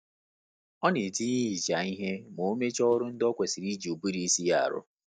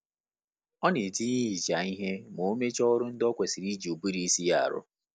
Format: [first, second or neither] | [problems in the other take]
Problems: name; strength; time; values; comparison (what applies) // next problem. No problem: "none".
second | noise reduction (neural mask model DeepFilterNet 3)